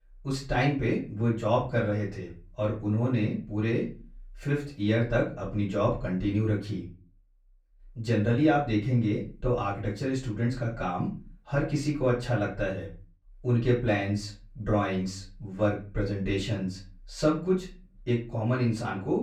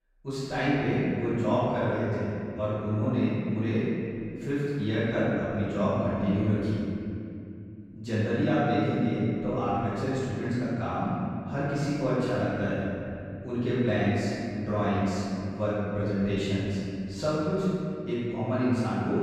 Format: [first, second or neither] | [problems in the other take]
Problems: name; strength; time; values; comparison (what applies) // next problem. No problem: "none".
first | room echo; strong; dies away in 2.6 s; slight in the first // off-mic speech; far; far in the first